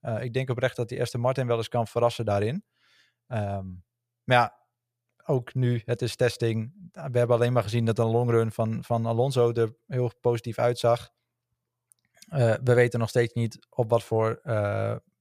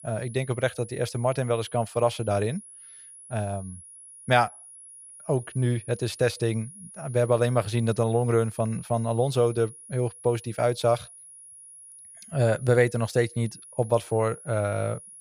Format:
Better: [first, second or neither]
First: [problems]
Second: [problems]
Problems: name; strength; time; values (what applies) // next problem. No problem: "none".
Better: first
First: none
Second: high-pitched whine; noticeable; throughout; 10.5 kHz, 20 dB below the speech